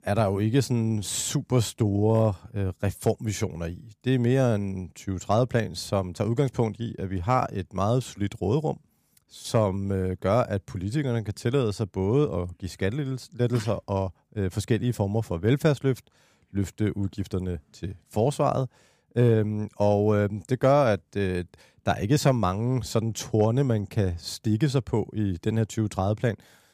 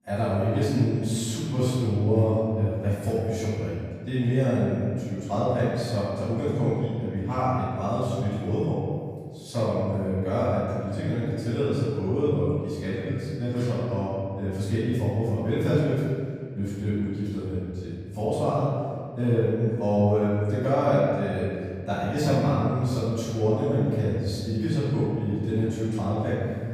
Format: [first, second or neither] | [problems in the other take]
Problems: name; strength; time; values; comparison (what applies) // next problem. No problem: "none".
first | room echo; strong; dies away in 1.9 s // off-mic speech; far